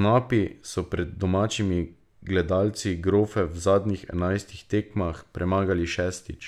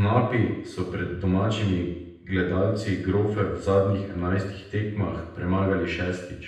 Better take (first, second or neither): first